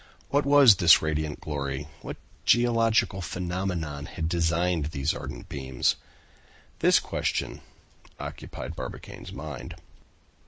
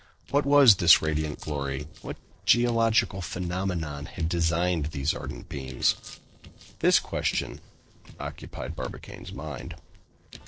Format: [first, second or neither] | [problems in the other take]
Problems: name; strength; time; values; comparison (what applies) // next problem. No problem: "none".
first | noise reduction (neural separator model SepFormer DNS4)